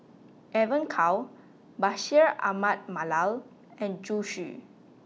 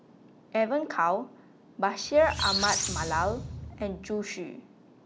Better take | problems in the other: first | background sound (Squeak); 4 dB below the speech

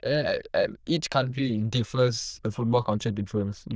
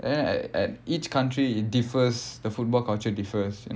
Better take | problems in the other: second | noise reduction (neural diffusion model UNIVERSE++)

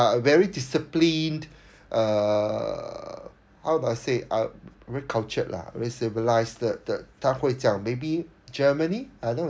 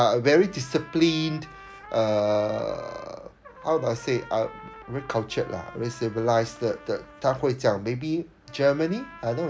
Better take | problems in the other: first | background sound (Trumpet); 20 dB below the speech

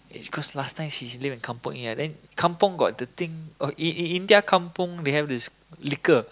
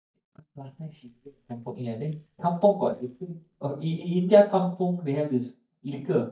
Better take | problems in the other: first | noise reduction (neural mask model DeepFilterNet 3)

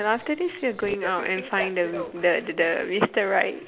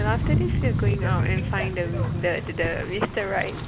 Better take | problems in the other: first | background sound (Rain); 3 dB above the speech

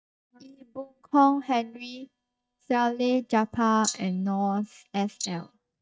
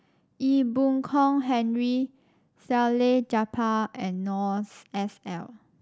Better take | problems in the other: second | noise reduction (neural mask model DeepFilterNet 3)

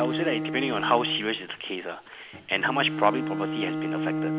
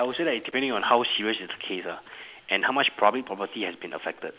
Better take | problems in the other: second | background sound (Bowed string instrument); 3 dB below the speech

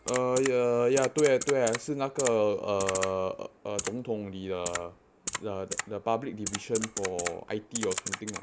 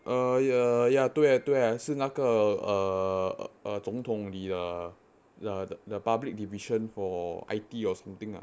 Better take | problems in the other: second | background sound (Typing); 8 dB below the speech

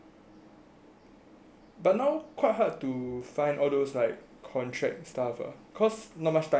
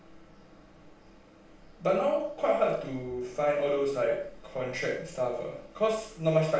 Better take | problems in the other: first | room echo; dies away in 0.5 s

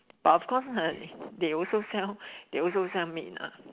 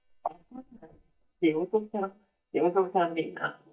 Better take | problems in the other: first | noise reduction (neural mask model DeepFilterNet 3)

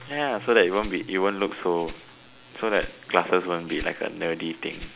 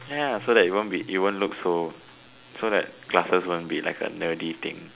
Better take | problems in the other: second | background sound (Rattle (instrument)); 17 dB below the speech

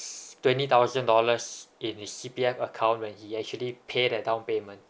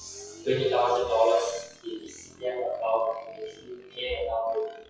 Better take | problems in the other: first | noise reduction (classical method WPE with log-MMSE)

